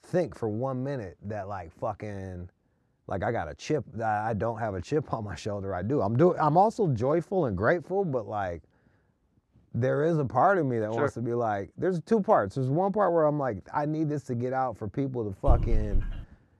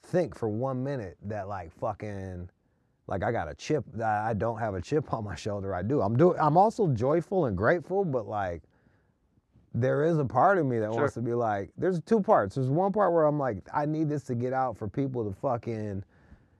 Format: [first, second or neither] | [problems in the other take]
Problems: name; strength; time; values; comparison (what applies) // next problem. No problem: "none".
second | dog barking; noticeable; at 15 s; peak level with the speech